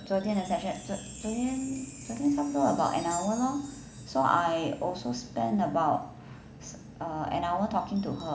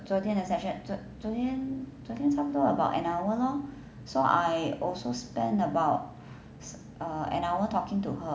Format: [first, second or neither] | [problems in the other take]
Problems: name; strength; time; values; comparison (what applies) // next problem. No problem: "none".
second | background sound (Chime); 18 dB below the speech